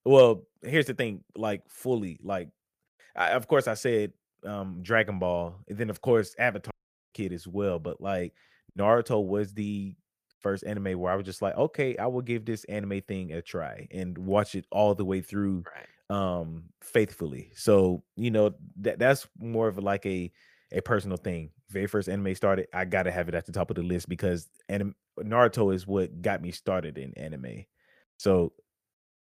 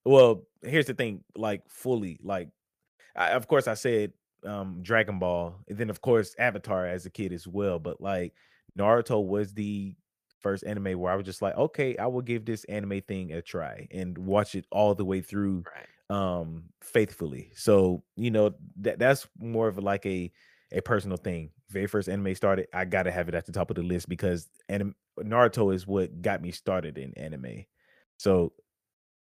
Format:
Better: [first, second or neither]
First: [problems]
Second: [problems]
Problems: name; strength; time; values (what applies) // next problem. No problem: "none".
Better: second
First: audio cutting out; at 6.5 s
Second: none